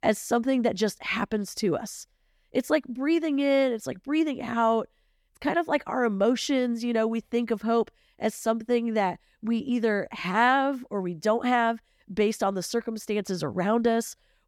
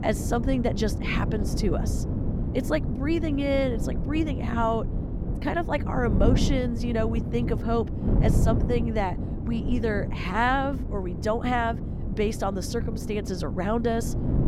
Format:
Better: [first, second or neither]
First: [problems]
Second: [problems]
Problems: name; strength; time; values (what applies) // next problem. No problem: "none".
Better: first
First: none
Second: wind noise on the microphone; heavy; 9 dB below the speech